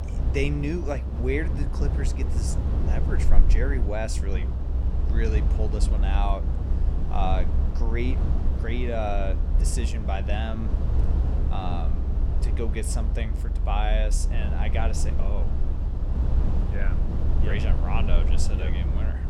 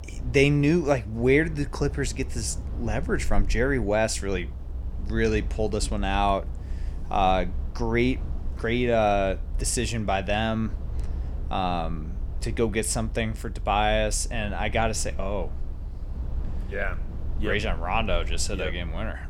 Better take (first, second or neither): second